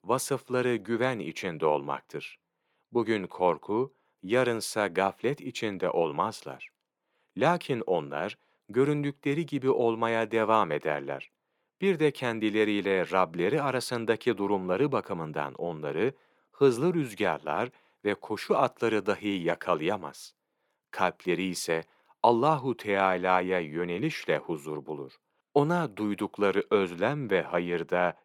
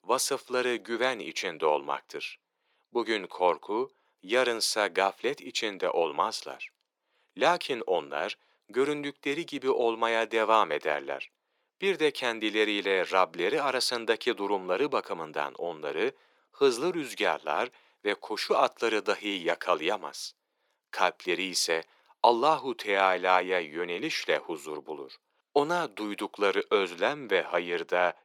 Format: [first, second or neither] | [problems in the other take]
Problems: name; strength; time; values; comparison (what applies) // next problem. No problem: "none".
first | thin; somewhat; fading below 400 Hz